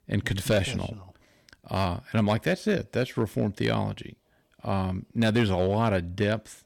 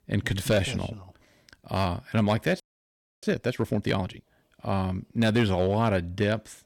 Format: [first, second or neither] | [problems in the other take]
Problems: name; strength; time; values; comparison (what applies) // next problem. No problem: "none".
first | audio freezing; at 2.5 s for 0.5 s